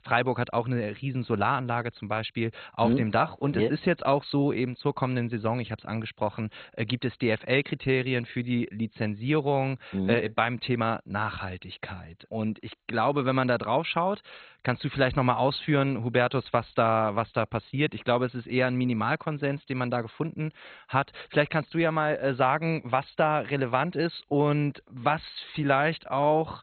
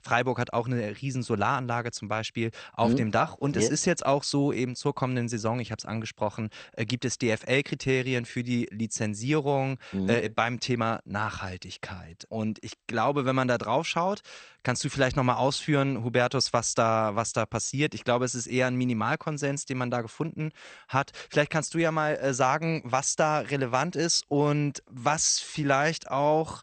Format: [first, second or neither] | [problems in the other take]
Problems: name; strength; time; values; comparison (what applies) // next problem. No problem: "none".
second | garbled, watery; badly; nothing above 4 kHz; slightly in the second